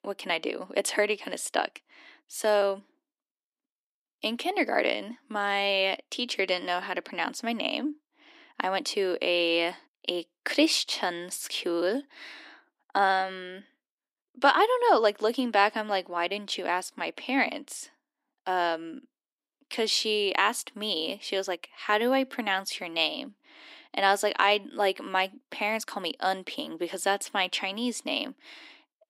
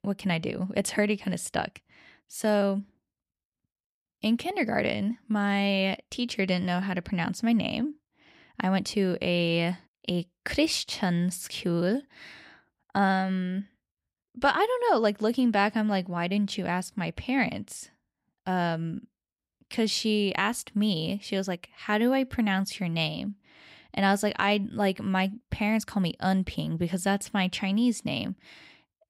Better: second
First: thin; somewhat; fading below 300 Hz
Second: none

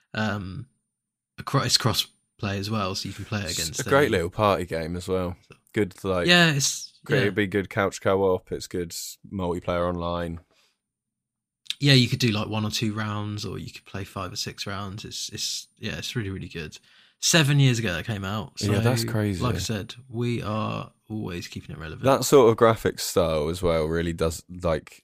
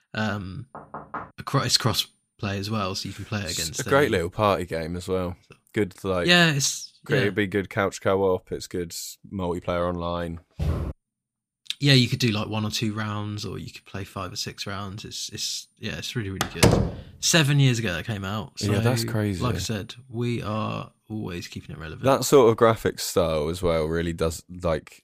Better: first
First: none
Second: door banging; faint; at 0.5 s; peak 10 dB below the speech // footsteps; noticeable; at 11 s; peak 4 dB below the speech // door banging; loud; at 16 s; peak 5 dB above the speech

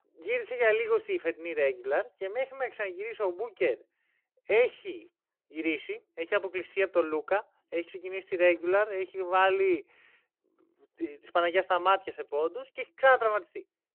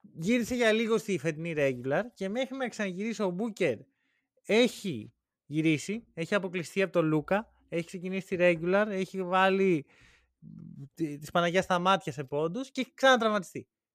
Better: second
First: phone-call audio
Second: none

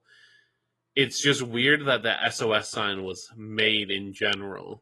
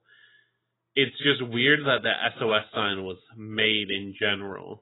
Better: first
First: garbled, watery; slightly; nothing above 11.5 kHz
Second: garbled, watery; badly; nothing above 3.5 kHz

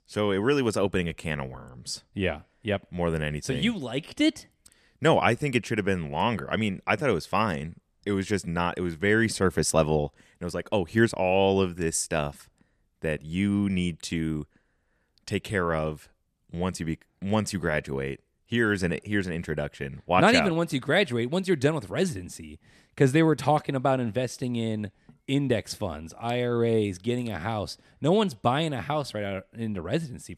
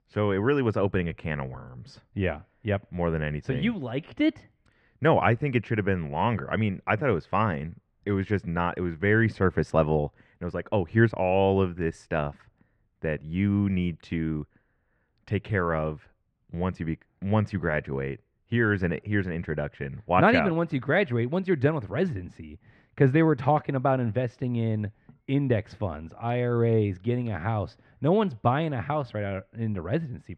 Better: first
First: none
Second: muffled; very; fading above 2 kHz

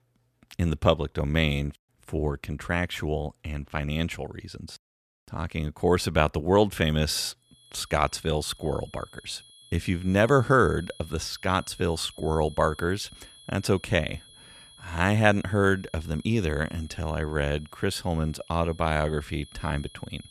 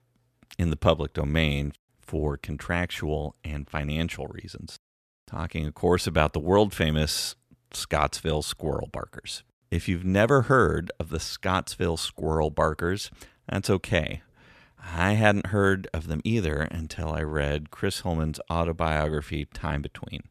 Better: second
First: high-pitched whine; faint; from 7.5 s on; 3.5 kHz, 25 dB below the speech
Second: none

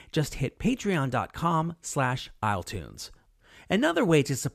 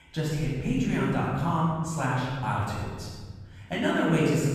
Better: first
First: none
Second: off-mic speech; far // room echo; strong; dies away in 1.5 s

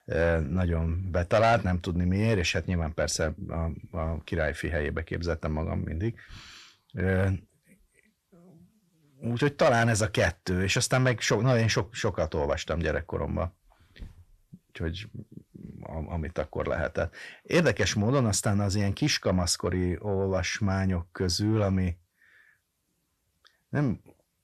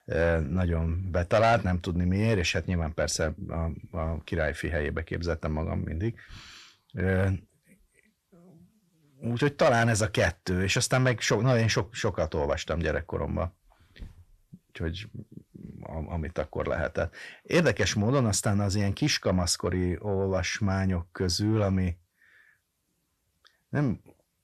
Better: neither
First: distortion; slight; 10 dB below the speech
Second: distortion; slight; 10 dB below the speech

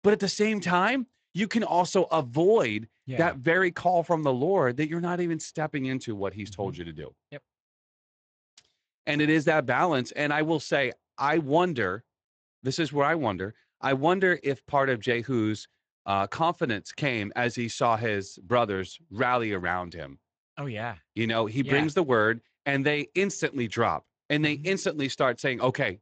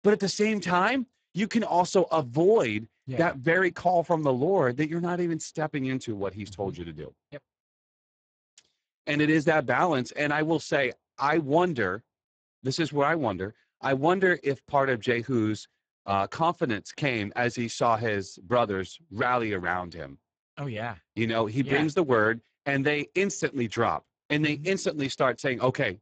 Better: first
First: garbled, watery; slightly; nothing above 7.5 kHz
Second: garbled, watery; badly; nothing above 7.5 kHz

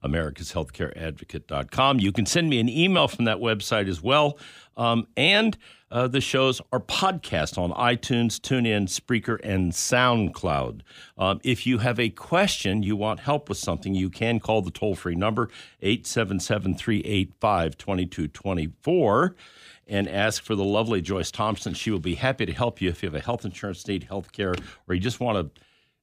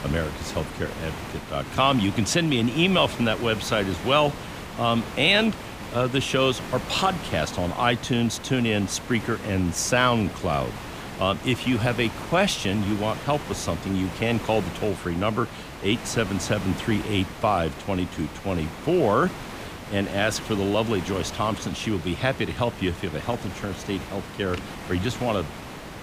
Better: first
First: none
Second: hiss; noticeable; throughout; 10 dB below the speech

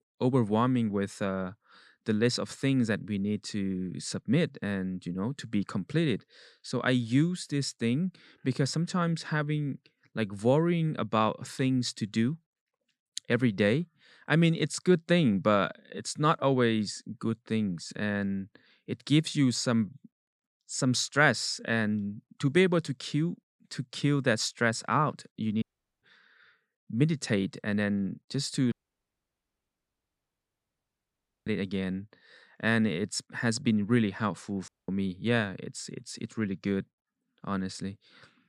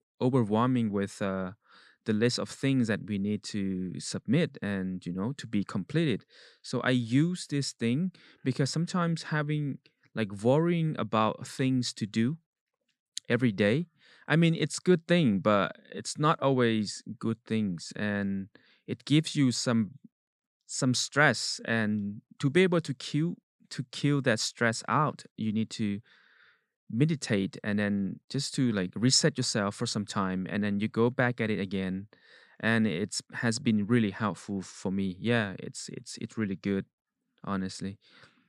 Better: second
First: audio cutting out; at 26 s, at 29 s for 3 s and at 35 s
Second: none

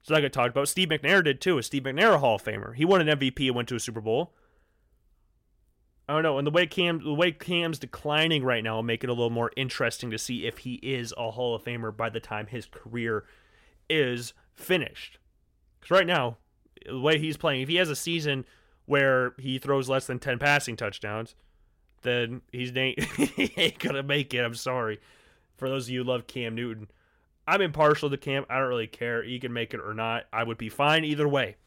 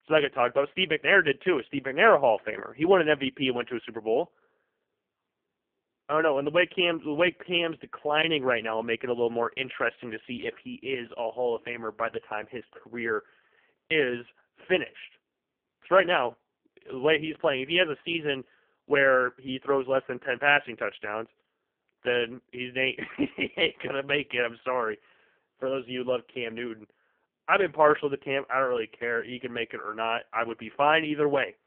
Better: first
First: none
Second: phone-call audio; poor line; nothing above 3 kHz

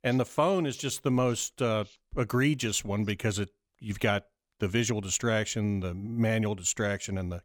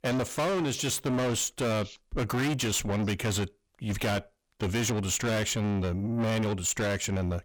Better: first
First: none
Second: distortion; heavy; 6 dB below the speech

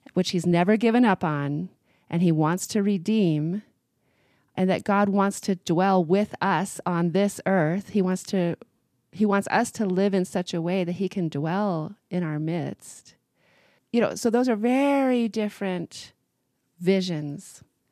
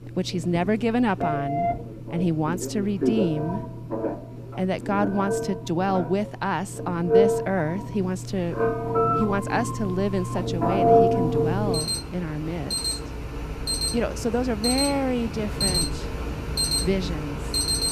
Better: first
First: none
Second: alarms or sirens; very loud; throughout; 1 dB above the speech

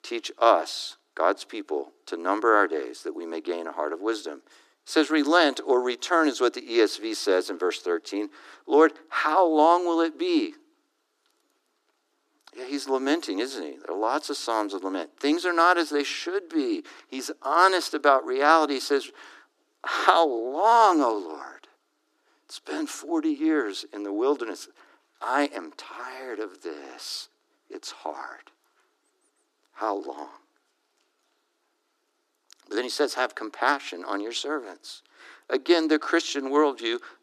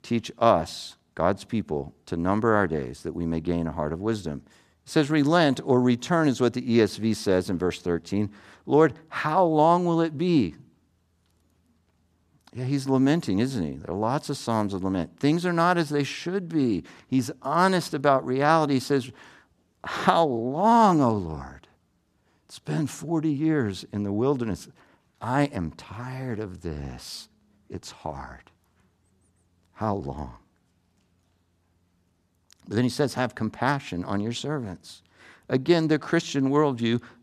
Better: second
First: thin; somewhat; fading below 300 Hz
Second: none

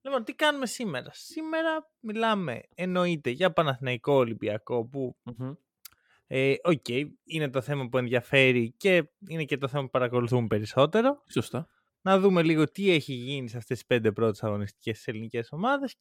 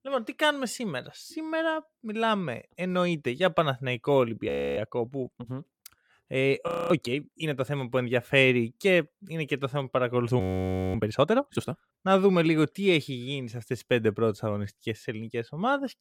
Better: first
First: none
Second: audio freezing; at 4.5 s, at 6.5 s and at 10 s for 0.5 s

